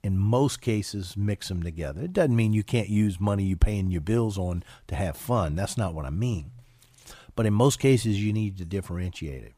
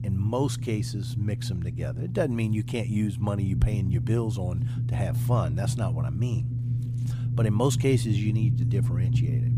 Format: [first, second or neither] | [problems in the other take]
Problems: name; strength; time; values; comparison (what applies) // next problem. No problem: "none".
first | low rumble; loud; throughout; 7 dB below the speech